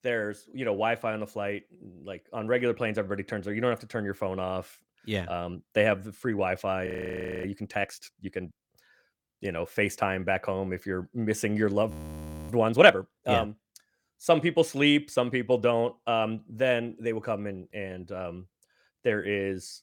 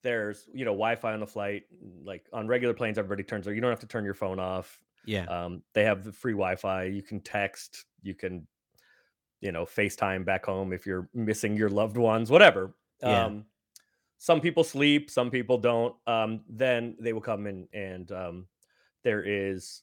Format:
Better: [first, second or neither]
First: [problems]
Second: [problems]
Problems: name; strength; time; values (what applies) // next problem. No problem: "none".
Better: second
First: audio freezing; at 7 s for 0.5 s and at 12 s for 0.5 s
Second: none